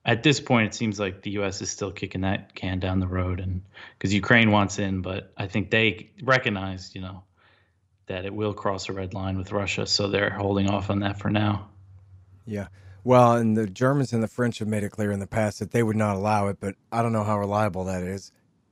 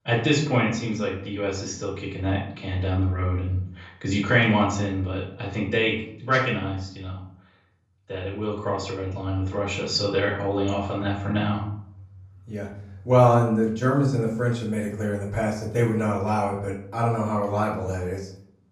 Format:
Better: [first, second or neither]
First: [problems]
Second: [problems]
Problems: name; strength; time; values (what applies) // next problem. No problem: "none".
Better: first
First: none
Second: room echo; slight; dies away in 0.5 s // off-mic speech; far